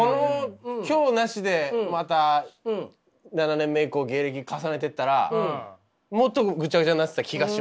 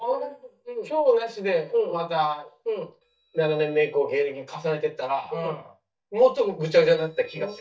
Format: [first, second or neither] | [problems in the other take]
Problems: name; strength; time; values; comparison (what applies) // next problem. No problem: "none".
first | noise reduction (neural mask model DeepFilterNet 3)